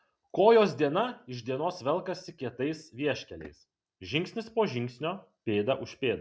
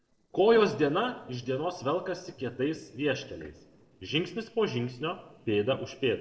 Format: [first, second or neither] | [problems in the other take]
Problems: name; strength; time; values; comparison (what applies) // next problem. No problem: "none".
first | noise reduction (neural separator model SepFormer DNS4)